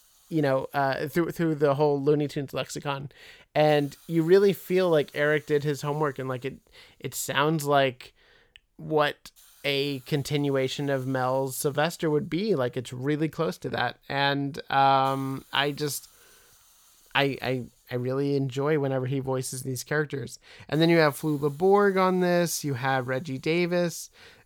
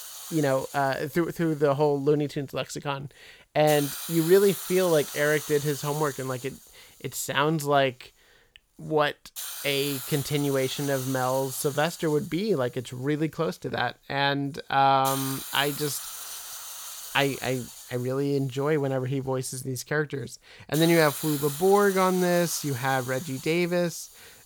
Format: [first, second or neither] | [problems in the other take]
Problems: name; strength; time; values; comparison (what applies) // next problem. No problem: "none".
first | hiss; loud; throughout; 9 dB below the speech; faint in the first